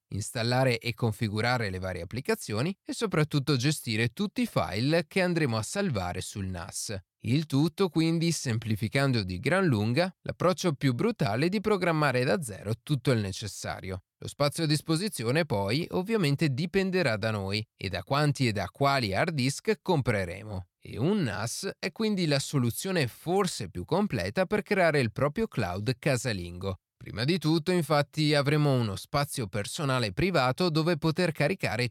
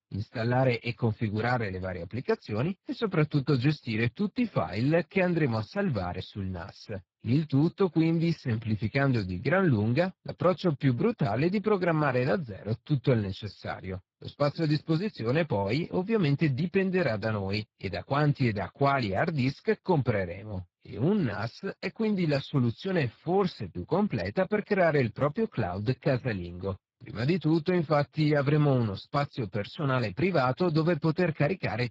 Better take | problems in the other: first | garbled, watery; badly

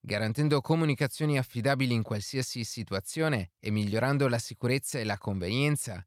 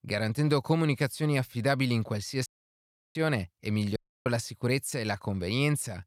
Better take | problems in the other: first | audio cutting out; at 2.5 s for 0.5 s and at 4 s

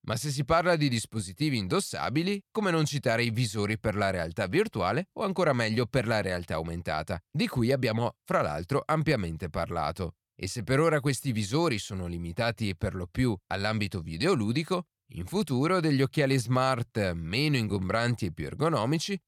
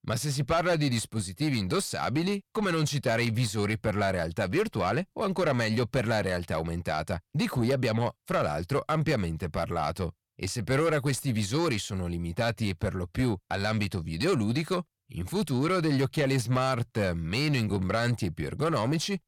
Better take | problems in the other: first | distortion; slight; 10 dB below the speech

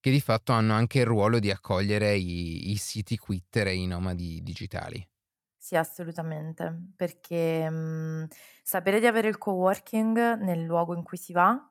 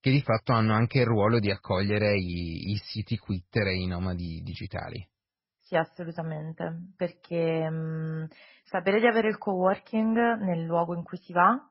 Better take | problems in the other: first | garbled, watery; badly; nothing above 5.5 kHz

